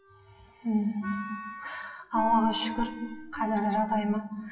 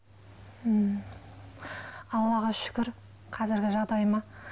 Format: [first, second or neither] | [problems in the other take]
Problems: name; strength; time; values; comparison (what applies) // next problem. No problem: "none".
second | noise reduction (classical method WPE with log-MMSE)